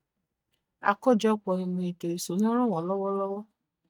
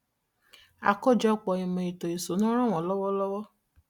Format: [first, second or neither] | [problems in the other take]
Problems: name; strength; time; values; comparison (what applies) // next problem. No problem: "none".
second | noise reduction (neural mask model DeepFilterNet 3)